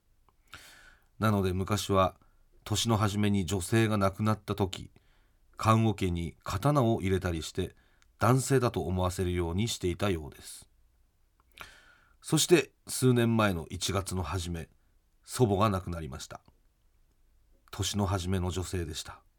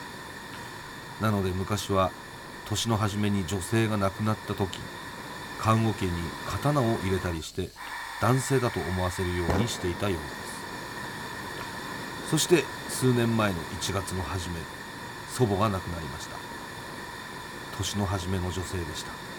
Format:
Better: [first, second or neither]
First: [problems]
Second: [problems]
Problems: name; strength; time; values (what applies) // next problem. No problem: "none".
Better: first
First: none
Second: hiss; loud; throughout; 9 dB below the speech